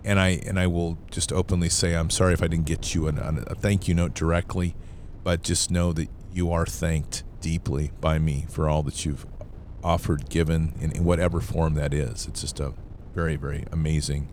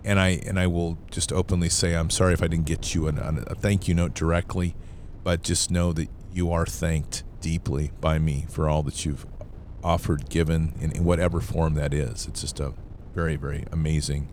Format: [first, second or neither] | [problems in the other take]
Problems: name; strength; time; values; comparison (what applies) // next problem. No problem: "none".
neither | wind noise on the microphone; occasional gusts; 20 dB below the speech; the same in both